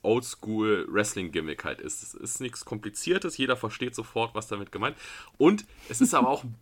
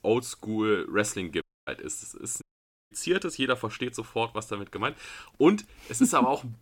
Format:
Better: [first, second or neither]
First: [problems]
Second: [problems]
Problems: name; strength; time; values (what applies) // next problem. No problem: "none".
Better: first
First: none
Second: audio cutting out; at 1.5 s and at 2.5 s